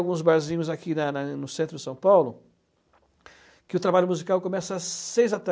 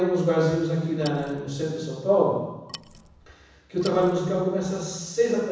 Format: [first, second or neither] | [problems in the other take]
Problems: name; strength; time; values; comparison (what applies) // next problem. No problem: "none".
first | background sound (Wood); 20 dB below the speech // room echo; dies away in 1.1 s